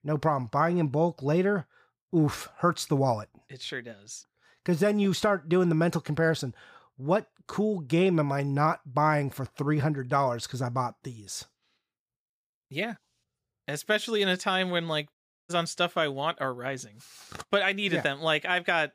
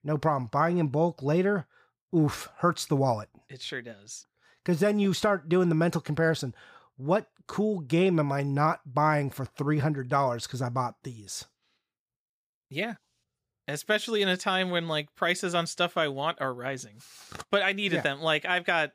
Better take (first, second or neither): second